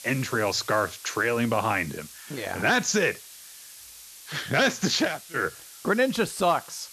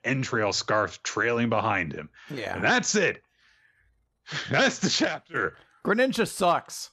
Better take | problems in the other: second | hiss; noticeable; throughout; 15 dB below the speech

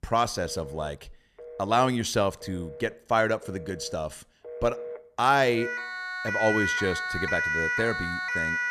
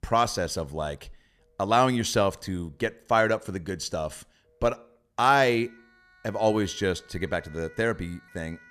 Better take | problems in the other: second | alarms or sirens; loud; throughout; 1 dB below the speech; faint in the second

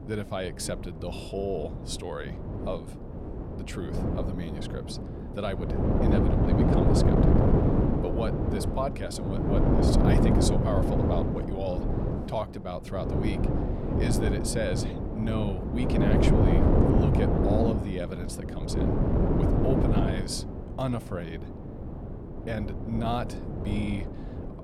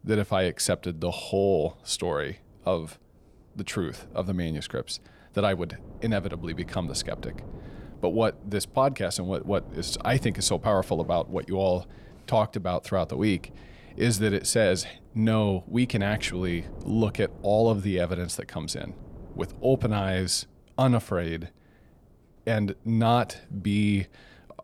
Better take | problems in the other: second | wind noise on the microphone; heavy; 3 dB above the speech; occasional gusts in the second

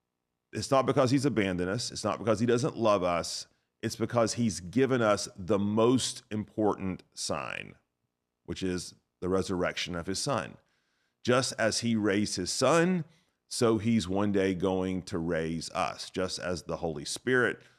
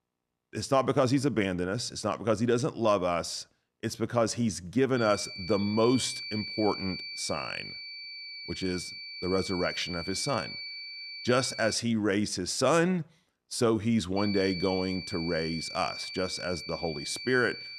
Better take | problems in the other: first | high-pitched whine; loud; from 5 to 12 s and from 14 s on; 4.5 kHz, 8 dB below the speech

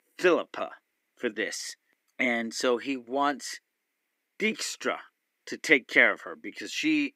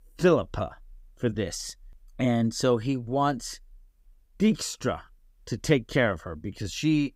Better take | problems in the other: second | thin; somewhat; fading below 300 Hz

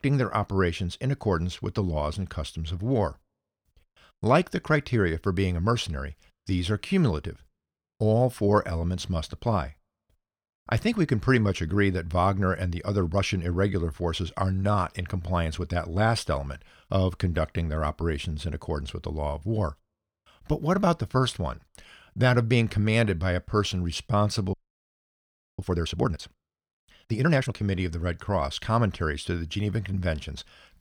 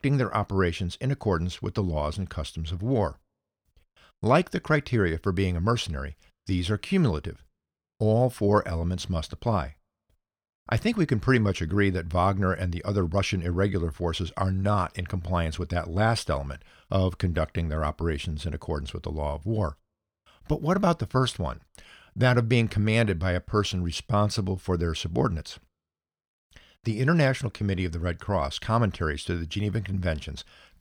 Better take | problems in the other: second | audio freezing; at 25 s for 1 s

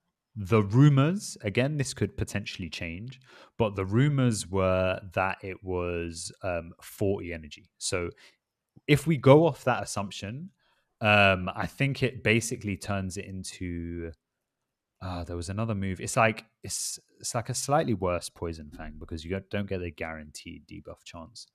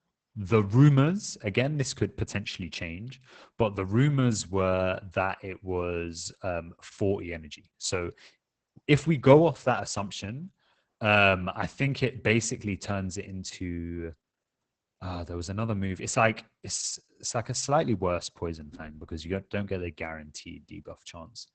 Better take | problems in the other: first | garbled, watery; badly; nothing above 8 kHz

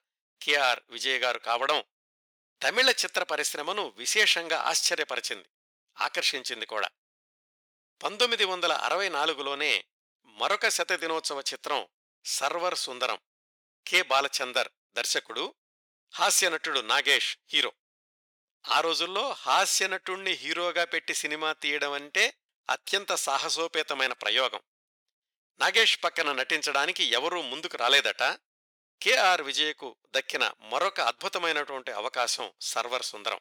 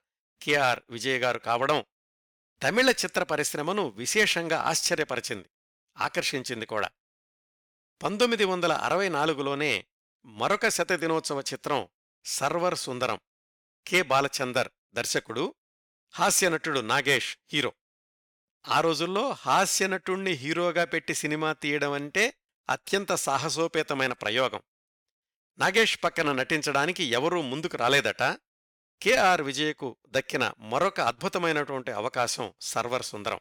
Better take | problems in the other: second | thin; somewhat; fading below 500 Hz

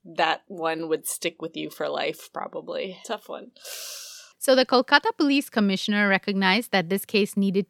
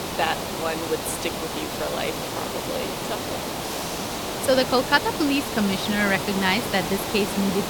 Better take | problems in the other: first | hiss; loud; throughout; 3 dB below the speech

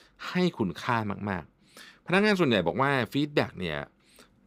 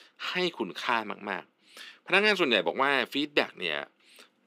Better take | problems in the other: first | thin; somewhat; fading below 250 Hz

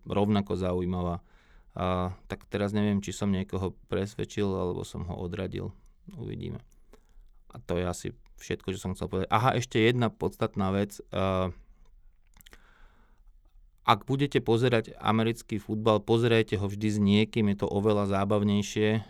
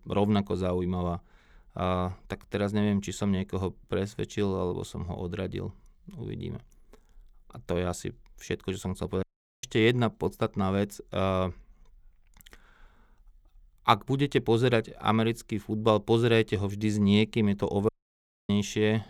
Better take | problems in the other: first | audio cutting out; at 9 s and at 18 s for 0.5 s

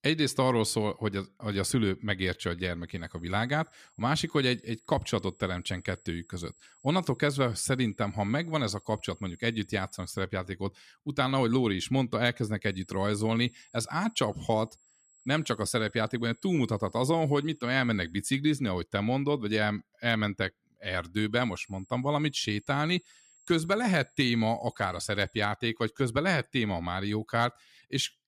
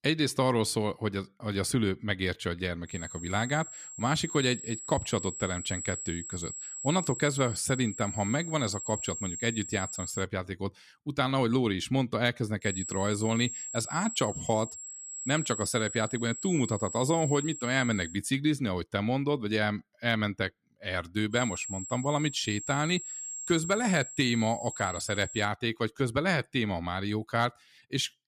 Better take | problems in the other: first | high-pitched whine; loud; from 3 to 10 s, from 13 to 18 s and from 21 to 25 s; 7.5 kHz, 8 dB below the speech; faint in the first

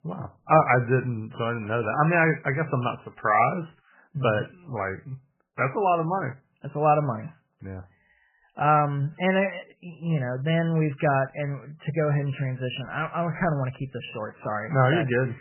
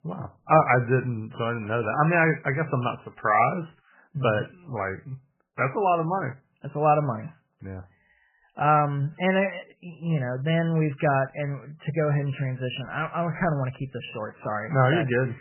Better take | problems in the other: neither | garbled, watery; badly; nothing above 3 kHz; the same in both

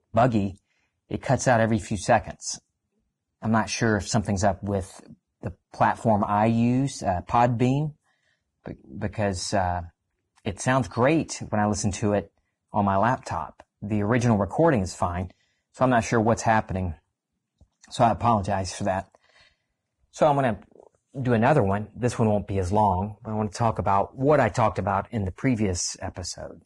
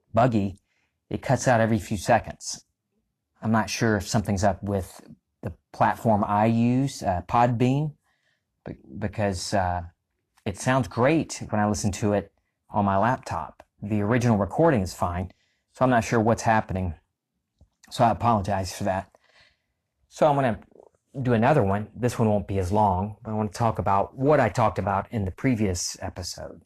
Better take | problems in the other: second | garbled, watery; badly; slightly in the second

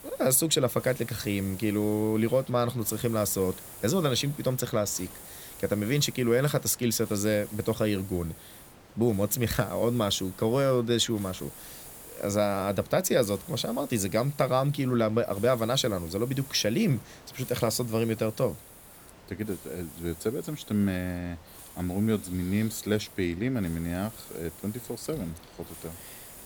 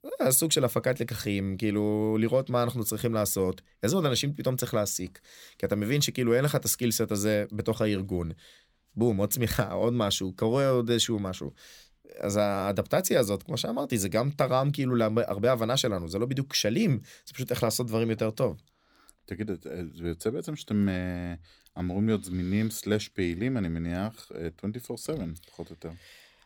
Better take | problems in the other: second | hiss; noticeable; throughout; 15 dB below the speech

